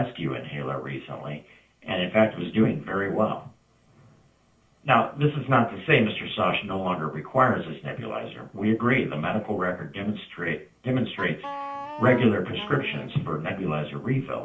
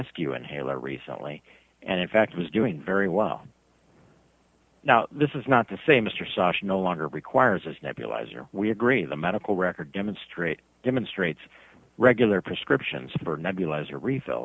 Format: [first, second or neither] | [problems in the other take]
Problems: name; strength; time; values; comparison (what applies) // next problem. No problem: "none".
second | background sound (Wind instrument, woodwind instrument); 11 dB below the speech // room echo; dies away in 0.3 s